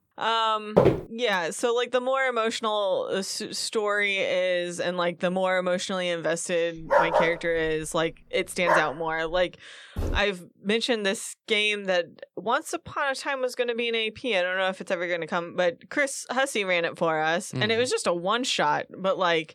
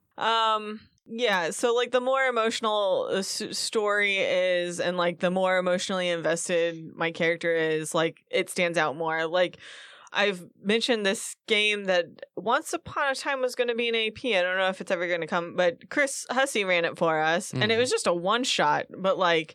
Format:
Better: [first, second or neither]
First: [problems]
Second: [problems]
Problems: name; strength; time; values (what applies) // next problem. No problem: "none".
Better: second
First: footsteps; loud; at 1 s; peak 5 dB above the speech // dog barking; loud; from 7 to 9 s; peak 4 dB above the speech // footsteps; noticeable; at 10 s; peak 7 dB below the speech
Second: none